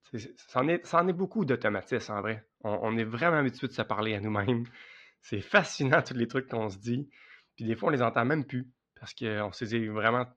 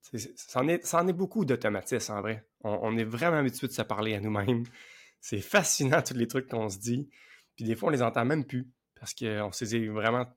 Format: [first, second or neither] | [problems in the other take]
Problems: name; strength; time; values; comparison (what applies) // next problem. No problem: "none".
second | muffled; slightly; fading above 4.5 kHz